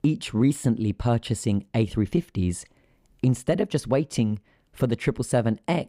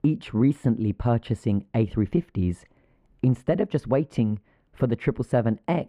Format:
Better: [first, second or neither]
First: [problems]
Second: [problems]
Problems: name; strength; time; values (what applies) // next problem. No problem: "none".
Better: first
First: none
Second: muffled; very; fading above 3.5 kHz